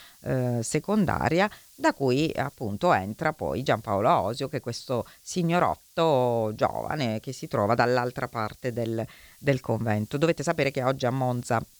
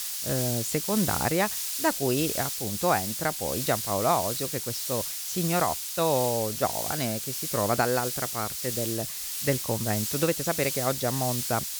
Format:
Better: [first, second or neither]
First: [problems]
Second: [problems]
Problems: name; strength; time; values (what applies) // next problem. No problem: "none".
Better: first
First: hiss; faint; throughout; 25 dB below the speech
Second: hiss; loud; throughout; 1 dB below the speech